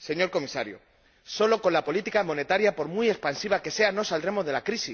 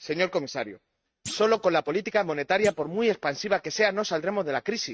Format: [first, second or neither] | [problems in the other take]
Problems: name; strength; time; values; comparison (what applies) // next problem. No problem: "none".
first | noise reduction (neural mask model RNNoise)